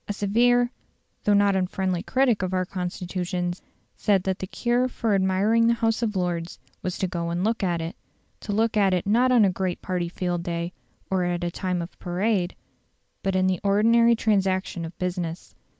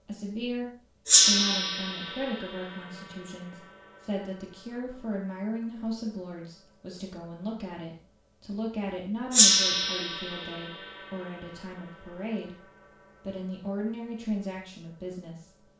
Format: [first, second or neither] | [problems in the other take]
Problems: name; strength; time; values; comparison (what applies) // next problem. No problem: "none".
first | background sound (Gong); 5 dB above the speech // room echo; dies away in 0.4 s